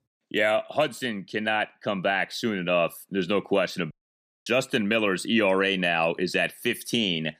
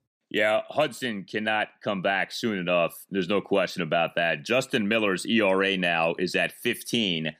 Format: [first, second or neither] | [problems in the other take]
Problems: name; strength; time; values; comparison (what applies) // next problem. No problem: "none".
second | audio cutting out; at 4 s for 0.5 s